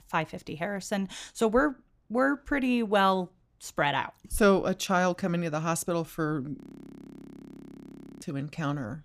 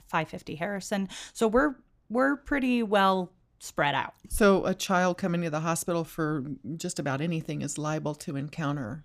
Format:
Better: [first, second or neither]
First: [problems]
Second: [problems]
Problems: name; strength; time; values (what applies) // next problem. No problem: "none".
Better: second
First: audio freezing; at 6.5 s for 1.5 s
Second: none